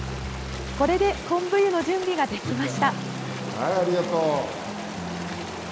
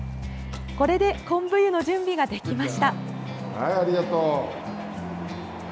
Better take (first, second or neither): second